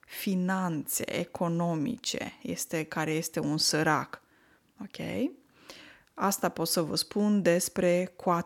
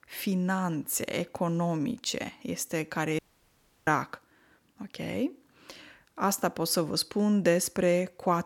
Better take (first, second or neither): first